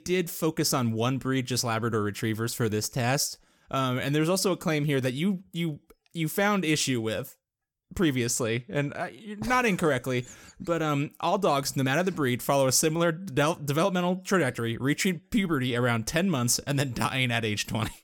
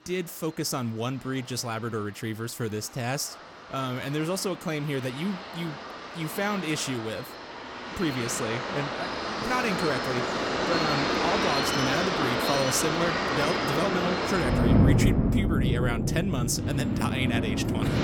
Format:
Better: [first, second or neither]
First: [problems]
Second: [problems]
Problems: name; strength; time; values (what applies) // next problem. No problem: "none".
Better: first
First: none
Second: rain or running water; very loud; throughout; 3 dB above the speech